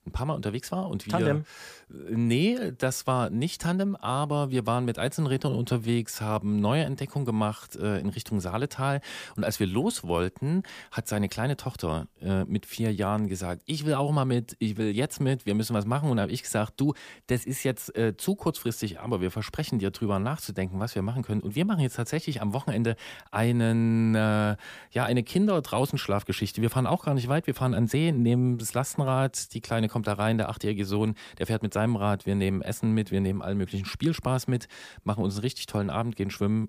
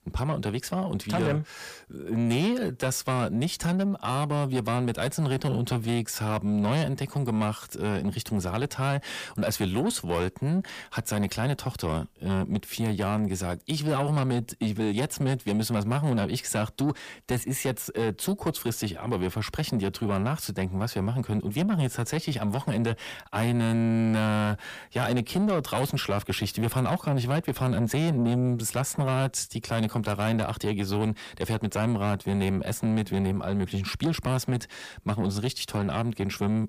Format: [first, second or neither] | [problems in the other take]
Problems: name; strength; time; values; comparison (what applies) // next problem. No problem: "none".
first | distortion; slight; 10 dB below the speech